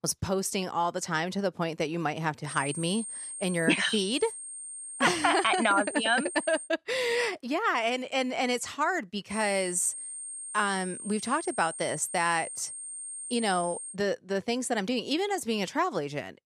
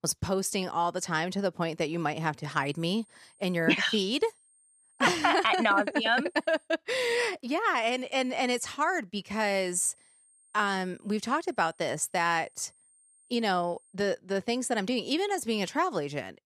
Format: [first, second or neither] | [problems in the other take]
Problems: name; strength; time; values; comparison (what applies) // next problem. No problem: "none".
second | high-pitched whine; loud; from 2.5 to 6.5 s and from 9.5 to 14 s; 8.5 kHz, 9 dB below the speech; faint in the second